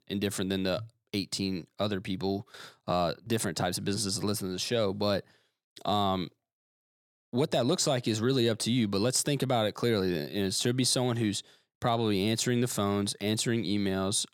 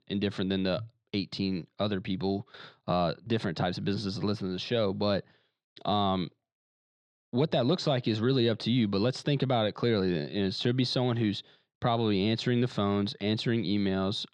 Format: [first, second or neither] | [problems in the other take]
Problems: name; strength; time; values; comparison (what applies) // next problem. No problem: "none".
first | muffled; very slightly; fading above 4 kHz